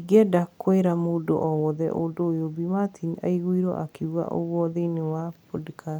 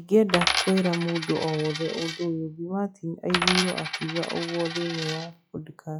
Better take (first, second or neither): first